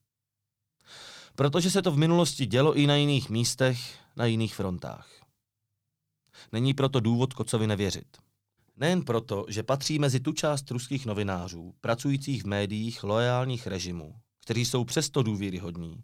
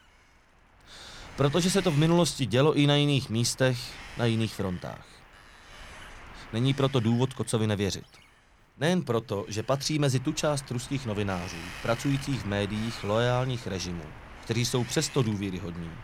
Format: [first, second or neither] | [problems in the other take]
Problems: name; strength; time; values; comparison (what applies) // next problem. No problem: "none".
first | wind noise on the microphone; occasional gusts; 15 dB below the speech